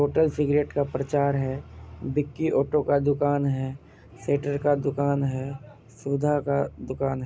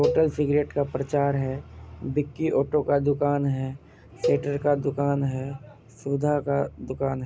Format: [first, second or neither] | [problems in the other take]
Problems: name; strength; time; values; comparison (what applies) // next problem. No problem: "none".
first | background sound (Cowbell); 8 dB below the speech